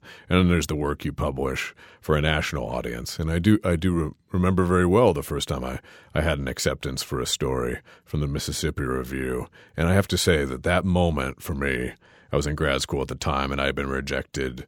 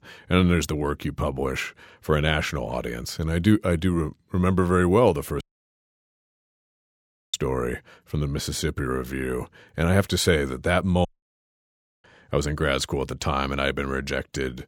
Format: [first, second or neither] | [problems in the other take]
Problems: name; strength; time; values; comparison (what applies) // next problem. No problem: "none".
first | audio cutting out; at 5.5 s for 2 s and at 11 s for 1 s